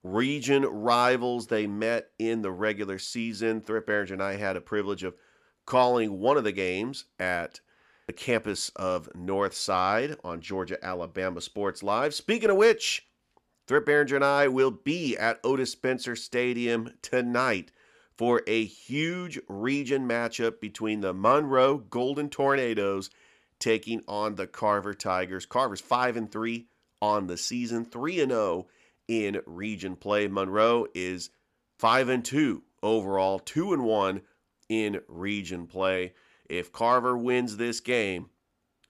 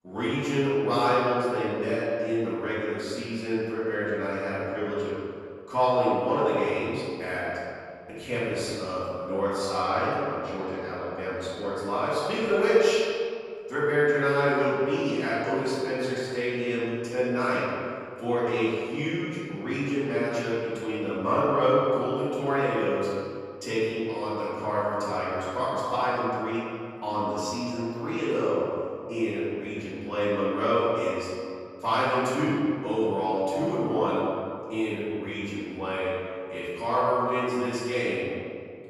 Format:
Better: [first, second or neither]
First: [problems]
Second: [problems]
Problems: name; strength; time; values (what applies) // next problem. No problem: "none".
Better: first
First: none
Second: off-mic speech; far // room echo; strong; dies away in 2.1 s